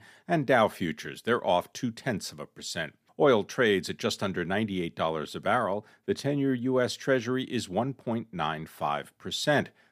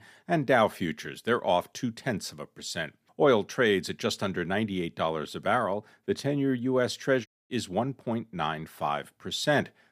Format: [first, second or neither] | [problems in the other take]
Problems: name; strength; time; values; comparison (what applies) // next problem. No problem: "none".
first | audio cutting out; at 7.5 s